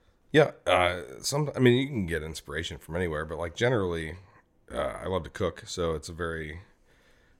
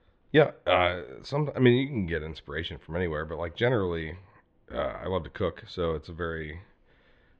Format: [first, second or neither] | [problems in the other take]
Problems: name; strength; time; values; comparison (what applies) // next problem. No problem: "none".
first | muffled; slightly; fading above 3.5 kHz